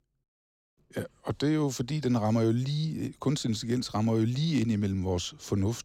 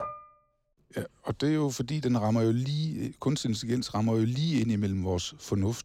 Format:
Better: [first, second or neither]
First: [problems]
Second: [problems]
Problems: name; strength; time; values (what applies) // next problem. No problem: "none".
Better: first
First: none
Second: clattering dishes; faint; at the start; peak 10 dB below the speech